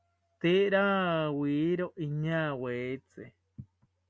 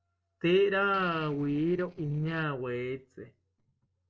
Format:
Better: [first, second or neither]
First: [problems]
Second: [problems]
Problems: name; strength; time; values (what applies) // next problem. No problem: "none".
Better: first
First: none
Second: noise reduction (neural separator model SepFormer DNS4)